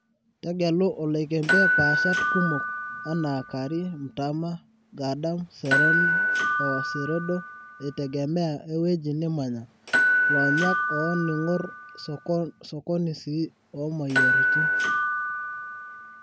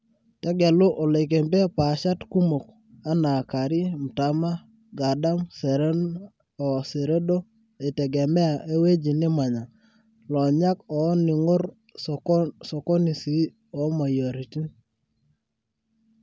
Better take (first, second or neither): second